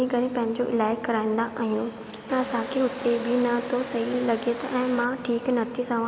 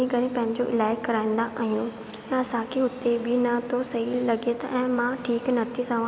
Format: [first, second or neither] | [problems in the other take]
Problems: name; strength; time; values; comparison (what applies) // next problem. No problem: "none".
second | background sound (Domestic sounds, home sounds); 11 dB below the speech